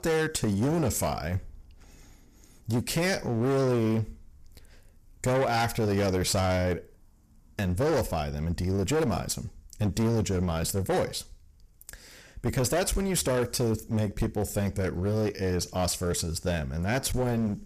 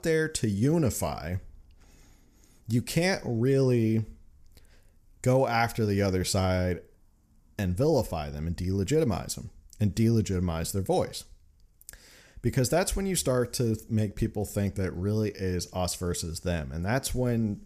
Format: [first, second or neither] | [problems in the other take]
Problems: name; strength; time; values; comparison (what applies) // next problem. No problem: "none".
second | distortion; heavy; 16% of the sound clipped